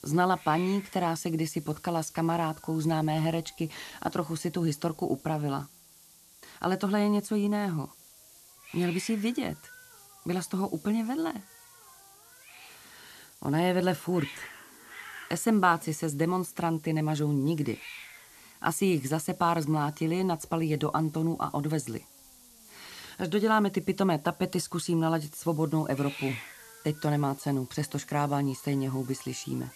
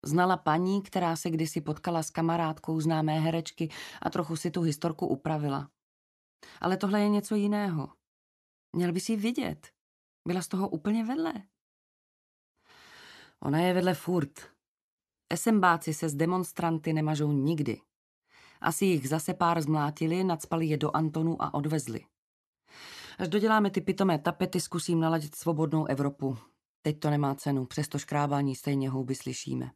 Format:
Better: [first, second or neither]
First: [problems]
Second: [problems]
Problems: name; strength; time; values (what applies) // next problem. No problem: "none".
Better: second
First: hiss; noticeable; throughout; 20 dB below the speech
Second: none